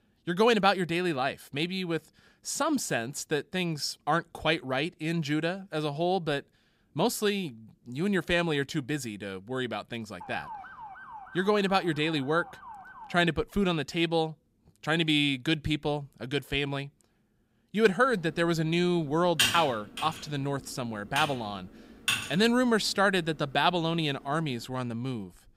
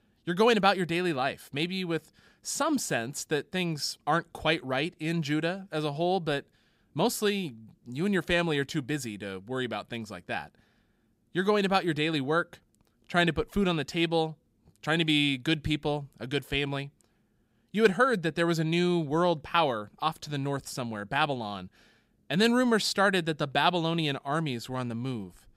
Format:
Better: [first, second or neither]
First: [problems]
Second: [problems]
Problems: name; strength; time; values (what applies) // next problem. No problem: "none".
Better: second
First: siren; faint; from 10 to 13 s; peak 15 dB below the speech // keyboard typing; loud; from 19 to 22 s; peak 3 dB above the speech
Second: none